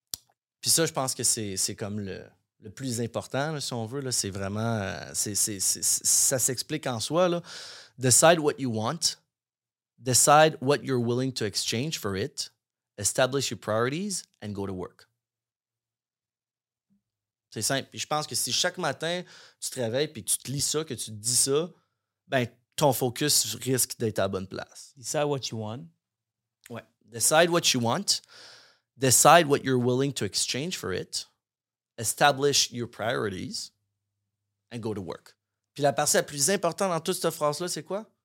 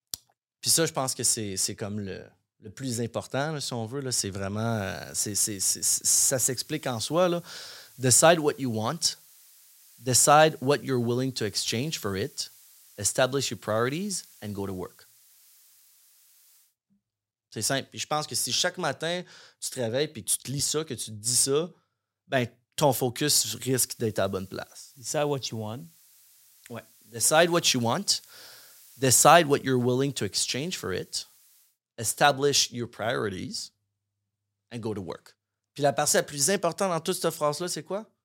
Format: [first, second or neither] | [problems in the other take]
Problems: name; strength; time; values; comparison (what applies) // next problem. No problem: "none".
first | hiss; faint; from 4.5 to 17 s and from 23 to 32 s; 30 dB below the speech